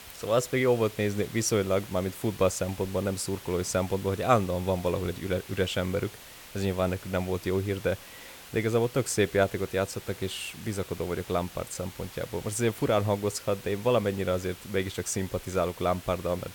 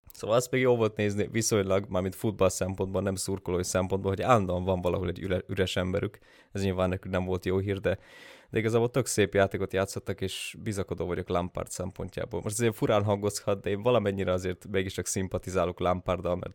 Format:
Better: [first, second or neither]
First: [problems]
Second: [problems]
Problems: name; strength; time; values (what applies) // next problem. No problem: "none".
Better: second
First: hiss; noticeable; throughout; 15 dB below the speech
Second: none